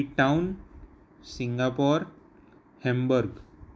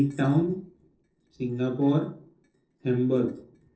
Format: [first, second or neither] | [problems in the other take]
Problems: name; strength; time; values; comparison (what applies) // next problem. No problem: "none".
first | noise reduction (neural separator model SepFormer DNS4)